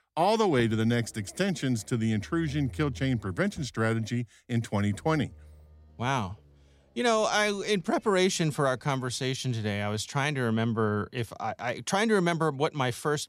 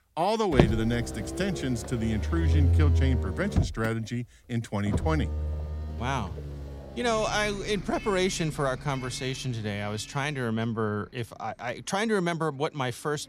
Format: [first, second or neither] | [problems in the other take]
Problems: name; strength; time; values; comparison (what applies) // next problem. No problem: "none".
first | traffic noise; loud; throughout; 1 dB below the speech; faint in the first